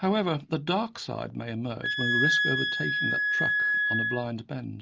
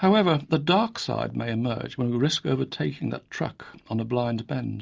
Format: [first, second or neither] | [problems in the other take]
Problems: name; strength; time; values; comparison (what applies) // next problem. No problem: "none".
second | background sound (Wind instrument, woodwind instrument); 4 dB above the speech